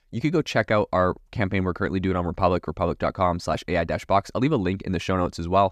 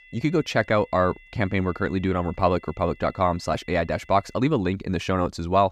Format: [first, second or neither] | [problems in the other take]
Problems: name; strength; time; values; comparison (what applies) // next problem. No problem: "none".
first | high-pitched whine; faint; until 4.5 s; 2 kHz, 25 dB below the speech